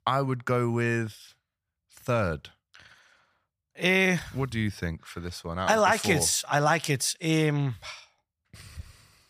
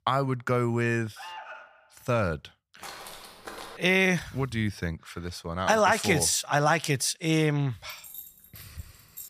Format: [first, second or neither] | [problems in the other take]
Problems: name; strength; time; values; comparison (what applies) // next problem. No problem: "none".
first | alarm; faint; at 1 s; peak 15 dB below the speech // footsteps; faint; at 3 s; peak 15 dB below the speech // jangling keys; faint; from 8 s on; peak 15 dB below the speech